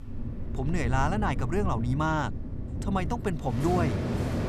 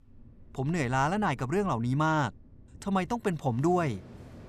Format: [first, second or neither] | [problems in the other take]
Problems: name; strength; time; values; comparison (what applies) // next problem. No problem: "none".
second | rain or running water; loud; throughout; 3 dB below the speech; faint in the second